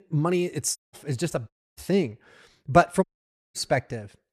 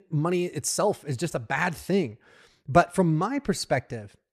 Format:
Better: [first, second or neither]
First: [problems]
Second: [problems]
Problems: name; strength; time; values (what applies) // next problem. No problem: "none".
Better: second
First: audio cutting out; at 1 s, at 1.5 s and at 3 s for 0.5 s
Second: none